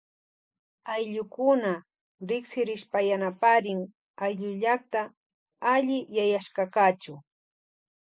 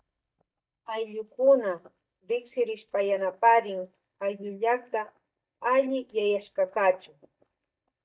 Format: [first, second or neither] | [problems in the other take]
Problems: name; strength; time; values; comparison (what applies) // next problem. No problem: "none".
first | noise reduction (neural mask model DeepFilterNet 3)